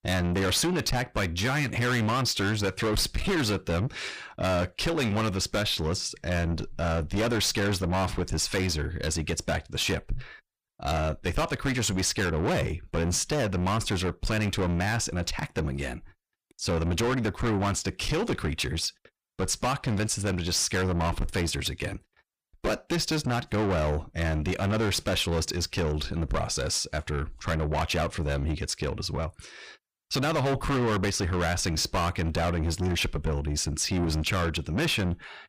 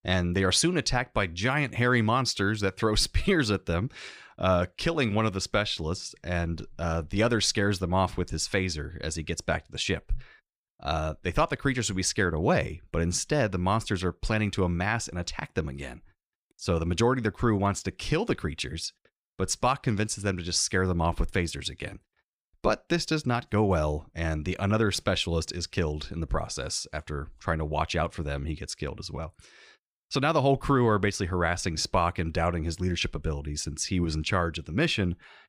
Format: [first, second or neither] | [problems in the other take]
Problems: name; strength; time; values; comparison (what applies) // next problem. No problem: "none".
second | distortion; heavy; 6 dB below the speech